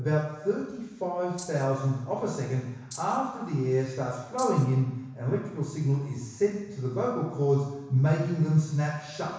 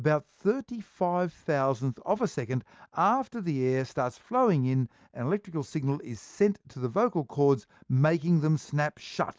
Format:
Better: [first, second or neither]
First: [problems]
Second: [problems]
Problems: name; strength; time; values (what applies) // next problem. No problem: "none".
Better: second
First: background sound (Rattle (instrument)); 17 dB below the speech // room echo; dies away in 1.1 s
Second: none